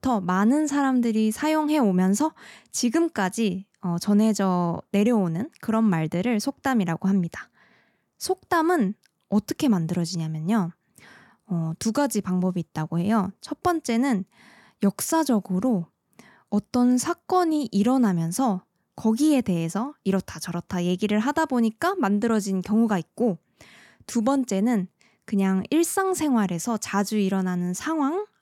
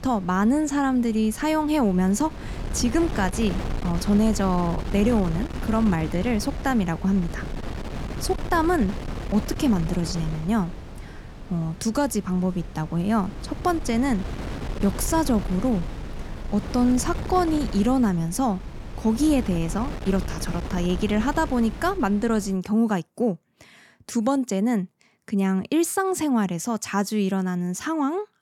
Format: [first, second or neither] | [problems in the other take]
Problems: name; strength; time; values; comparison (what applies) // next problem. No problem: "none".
first | wind noise on the microphone; occasional gusts; until 23 s; 10 dB below the speech